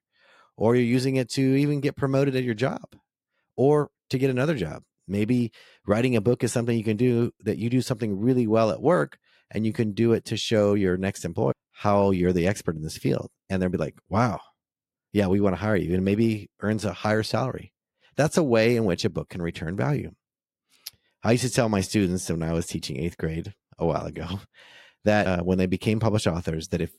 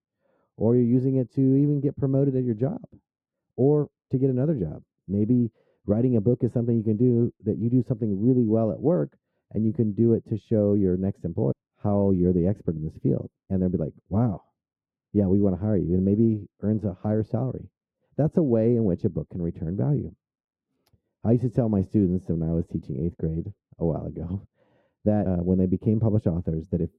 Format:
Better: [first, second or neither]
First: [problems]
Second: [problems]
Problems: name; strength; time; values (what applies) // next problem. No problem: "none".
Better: first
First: none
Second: muffled; very; fading above 1 kHz